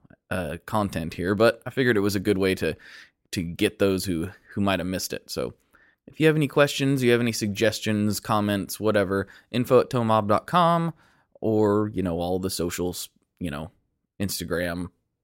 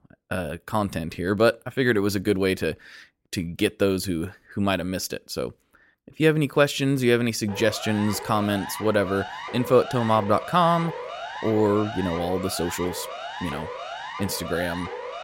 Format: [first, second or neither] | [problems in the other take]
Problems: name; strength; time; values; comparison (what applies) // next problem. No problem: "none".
first | siren; noticeable; from 7.5 s on; peak 9 dB below the speech